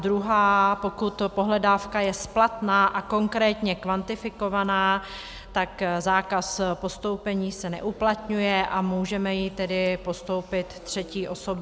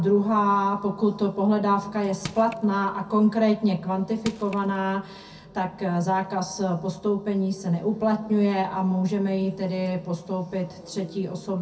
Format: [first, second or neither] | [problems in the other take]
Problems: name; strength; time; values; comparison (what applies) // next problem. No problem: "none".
first | background sound (Crushing); 16 dB below the speech // room echo; dies away in 0.3 s